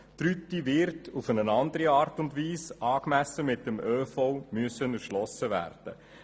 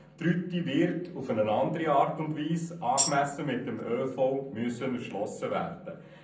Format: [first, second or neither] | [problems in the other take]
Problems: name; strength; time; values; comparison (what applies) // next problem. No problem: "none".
first | background sound (Tambourine); 3 dB below the speech // room echo; dies away in 0.6 s